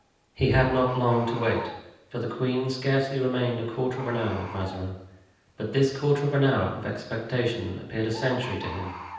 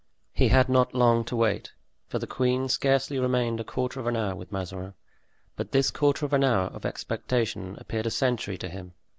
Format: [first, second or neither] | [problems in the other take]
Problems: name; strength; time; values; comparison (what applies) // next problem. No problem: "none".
second | background sound (Bird); 16 dB below the speech // room echo; dies away in 0.9 s